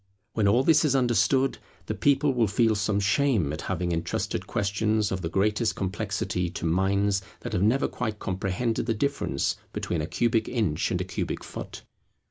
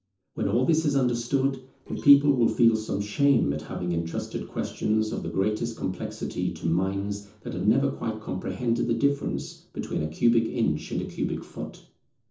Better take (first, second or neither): first